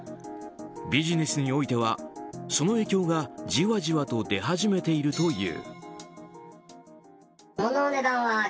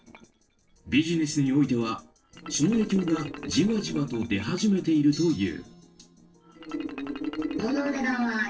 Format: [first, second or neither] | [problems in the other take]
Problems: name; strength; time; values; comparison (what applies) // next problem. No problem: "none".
first | noise reduction (neural separator model SepFormer DNS4)